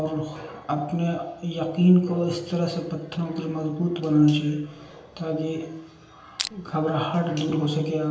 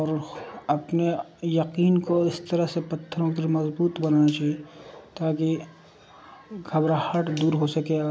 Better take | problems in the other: second | background sound (Crushing); 7 dB below the speech // room echo; dies away in 0.9 s

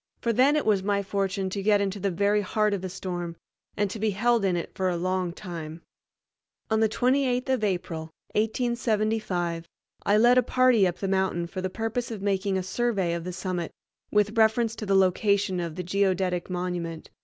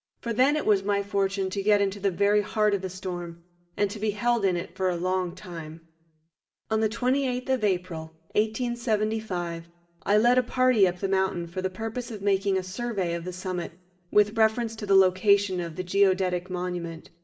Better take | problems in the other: first | room echo; dies away in 0.5 s

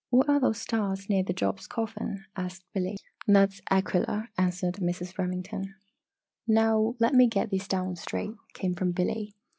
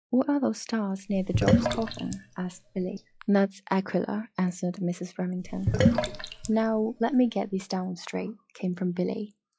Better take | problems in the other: first | noise reduction (classical method log-MMSE)

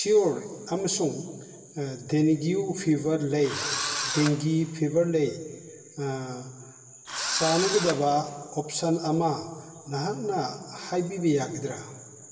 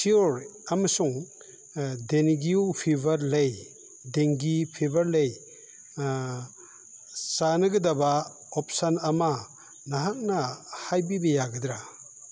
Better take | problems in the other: second | background sound (Engine / Drill); 5 dB below the speech // room echo; dies away in 2.3 s

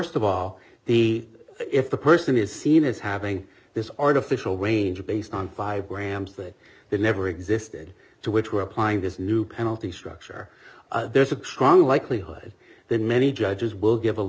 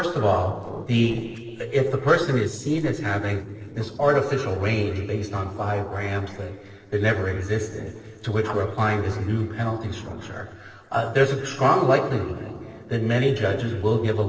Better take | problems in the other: first | noise reduction (neural separator model SepFormer DNS4)

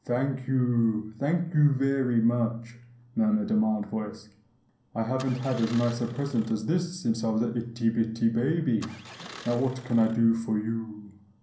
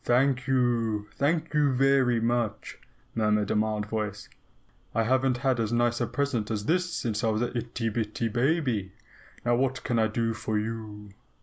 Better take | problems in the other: second | background sound (Engine starting); 18 dB below the speech // room echo; dies away in 0.6 s

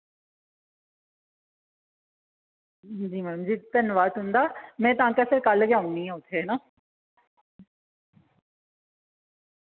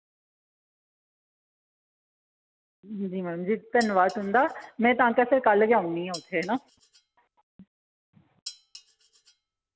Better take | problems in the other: first | background sound (Dishes, pots, and pans); 20 dB below the speech

